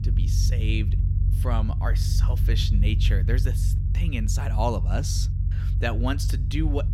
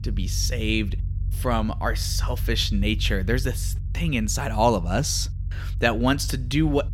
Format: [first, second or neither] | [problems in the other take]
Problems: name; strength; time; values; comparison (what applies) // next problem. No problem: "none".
second | low rumble; loud; throughout; 9 dB below the speech; faint in the second